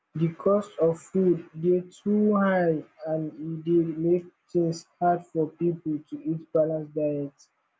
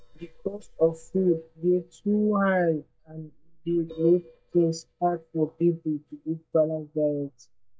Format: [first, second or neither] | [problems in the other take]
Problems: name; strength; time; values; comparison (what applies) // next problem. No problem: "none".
first | noise reduction (neural mask model DeepFilterNet 3)